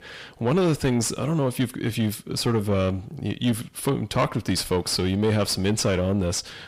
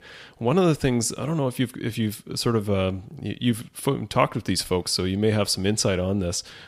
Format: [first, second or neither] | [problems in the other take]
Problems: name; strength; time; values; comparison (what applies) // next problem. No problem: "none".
second | distortion; slight; 10 dB below the speech